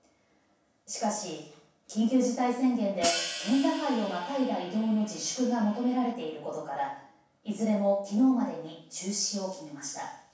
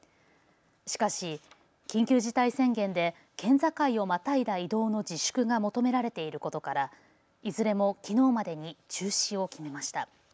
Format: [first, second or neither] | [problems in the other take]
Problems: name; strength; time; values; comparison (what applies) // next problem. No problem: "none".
second | background sound (Hi-hat); 9 dB below the speech // room echo; dies away in 0.7 s